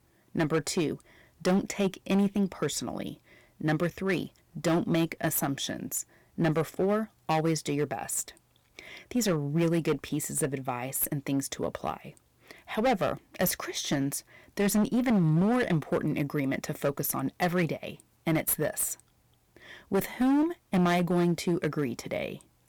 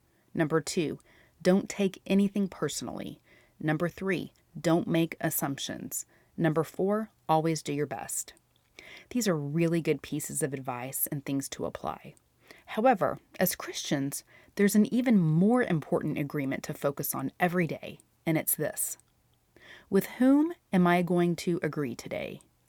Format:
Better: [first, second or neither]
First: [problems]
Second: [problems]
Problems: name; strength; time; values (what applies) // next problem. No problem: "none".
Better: second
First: distortion; slight; 9% of the sound clipped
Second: none